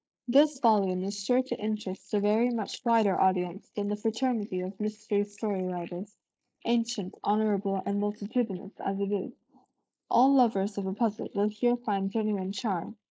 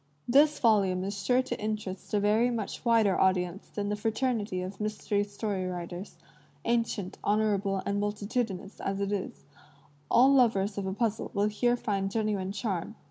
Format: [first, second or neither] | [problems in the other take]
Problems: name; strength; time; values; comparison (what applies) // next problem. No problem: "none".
second | noise reduction (neural mask model Resemble Enhance denoiser)